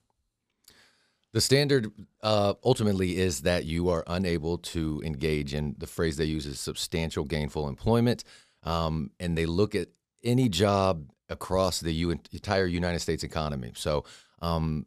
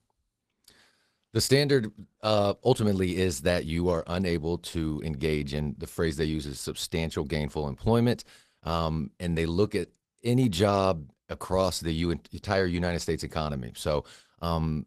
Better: first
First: none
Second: garbled, watery; slightly; nothing above 14.5 kHz

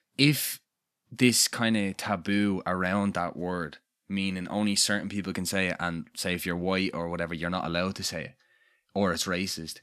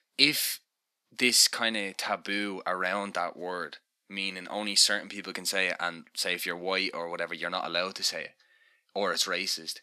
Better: first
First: none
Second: thin; somewhat; fading below 400 Hz

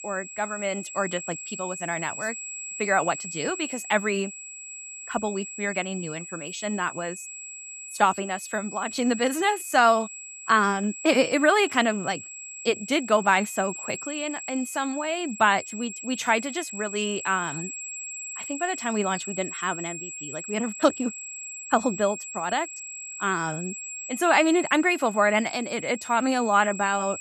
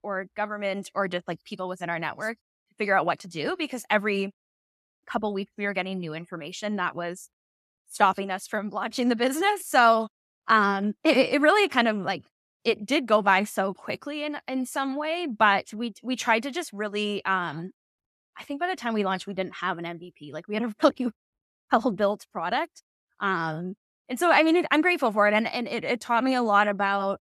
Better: second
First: high-pitched whine; loud; throughout; 7.5 kHz, 10 dB below the speech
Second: none

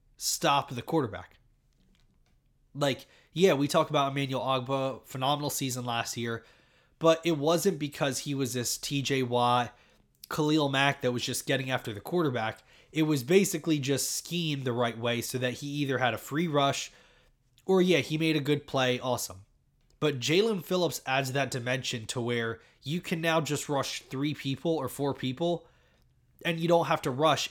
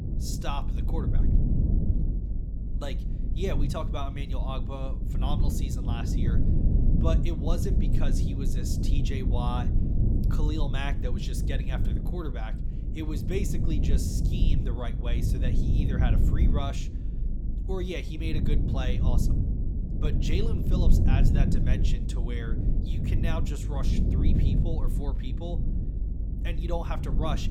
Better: first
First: none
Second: low rumble; loud; throughout; 2 dB below the speech

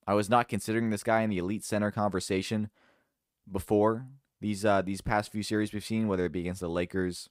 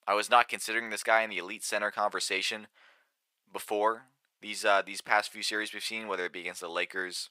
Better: first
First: none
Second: thin; very; fading below 700 Hz

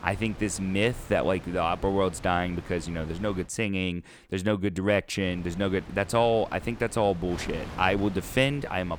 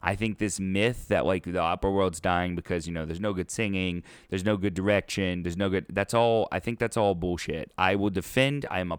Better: second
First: wind noise on the microphone; occasional gusts; until 3.5 s and from 5 s on; 20 dB below the speech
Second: none

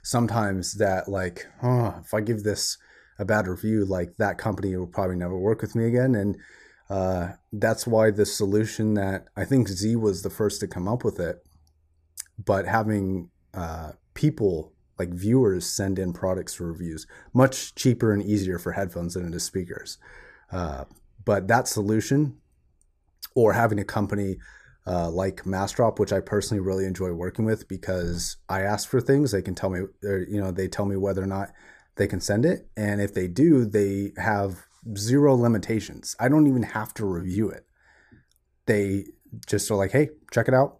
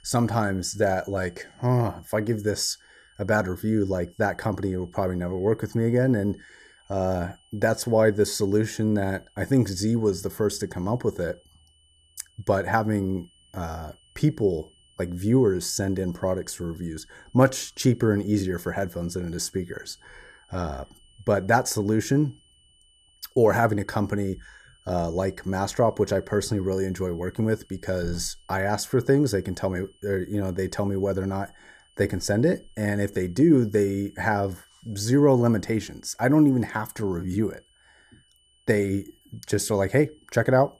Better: first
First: none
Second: high-pitched whine; faint; throughout; 3 kHz, 35 dB below the speech

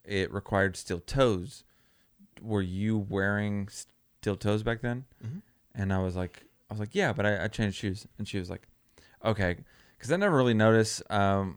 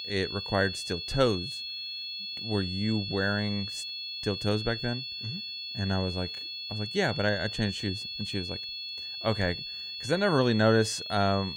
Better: first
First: none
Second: high-pitched whine; loud; throughout; 4.5 kHz, 5 dB below the speech

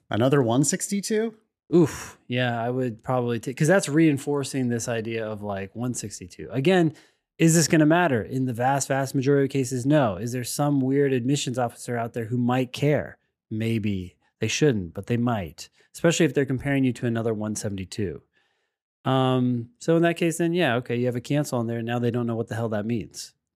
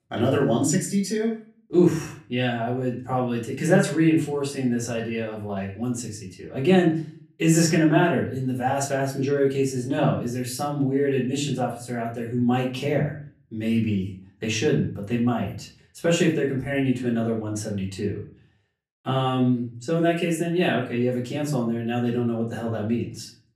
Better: first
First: none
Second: off-mic speech; far // room echo; slight; dies away in 0.4 s

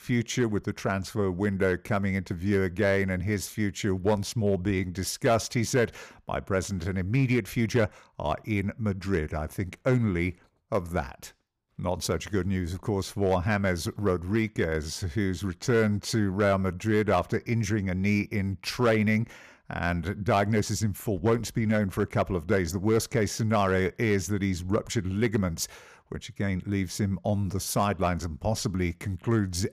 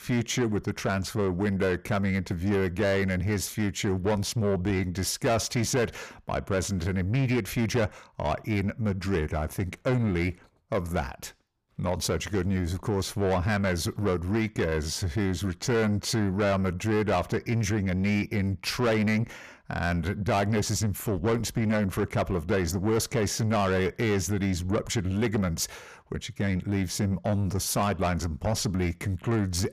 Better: first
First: none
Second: distortion; slight; 10 dB below the speech

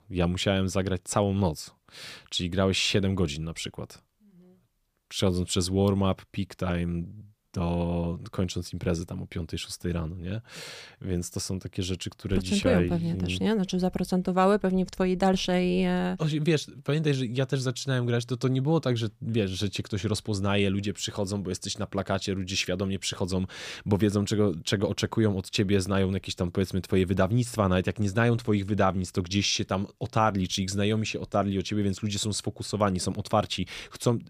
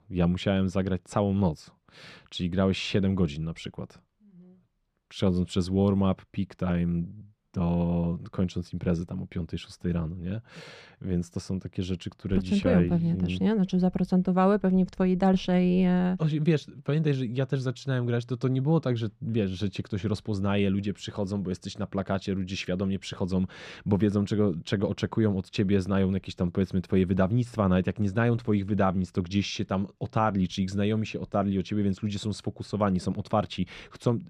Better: first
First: none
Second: muffled; slightly; fading above 2 kHz

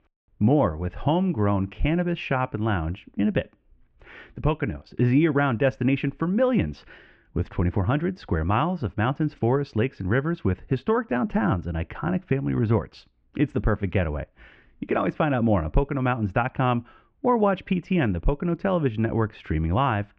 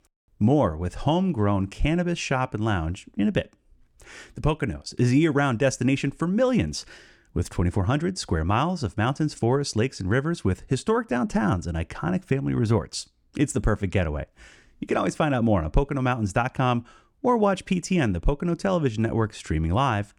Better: second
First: muffled; very; fading above 3 kHz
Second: none

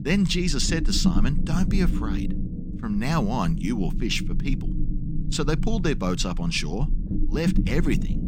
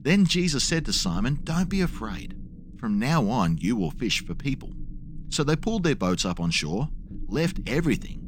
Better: second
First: low rumble; loud; throughout; 9 dB below the speech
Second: low rumble; faint; throughout; 20 dB below the speech

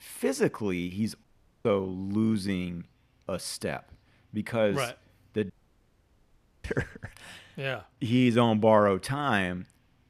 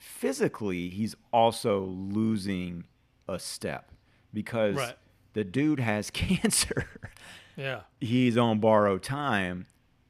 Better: second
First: audio cutting out; at 1 s and at 5.5 s for 1 s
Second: none

